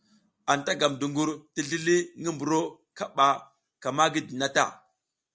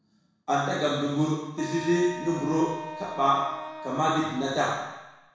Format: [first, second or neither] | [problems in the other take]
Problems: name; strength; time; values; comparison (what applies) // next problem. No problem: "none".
first | background sound (Wind instrument, woodwind instrument); 12 dB below the speech // room echo; dies away in 1.1 s